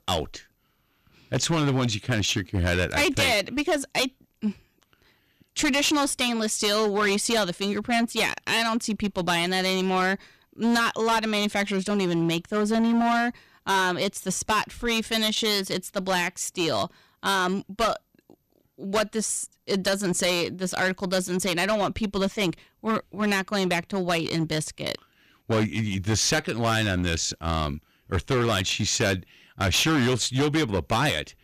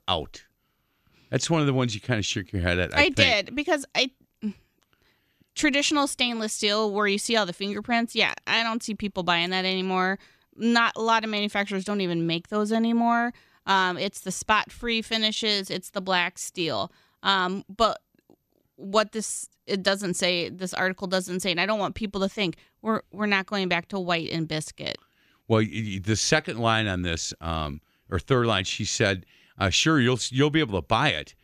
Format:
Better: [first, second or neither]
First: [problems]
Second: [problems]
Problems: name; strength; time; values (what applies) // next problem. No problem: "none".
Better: second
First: distortion; heavy; 11% of the sound clipped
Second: none